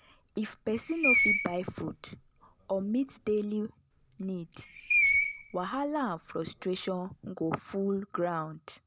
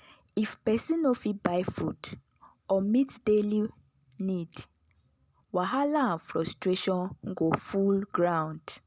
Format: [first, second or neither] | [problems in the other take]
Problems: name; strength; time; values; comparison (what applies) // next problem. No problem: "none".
second | background sound (Screech); 1 dB above the speech